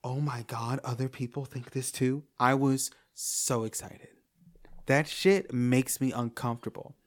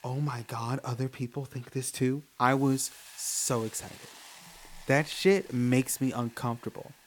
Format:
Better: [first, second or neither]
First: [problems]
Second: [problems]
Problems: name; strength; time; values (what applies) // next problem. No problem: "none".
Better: first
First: none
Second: hiss; faint; throughout; 20 dB below the speech